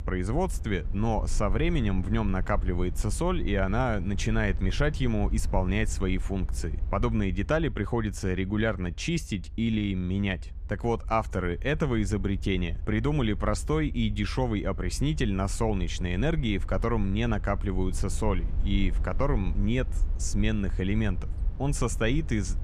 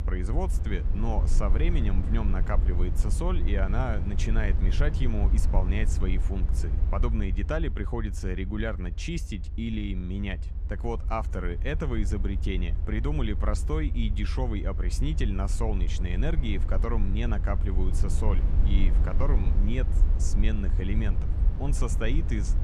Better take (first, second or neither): first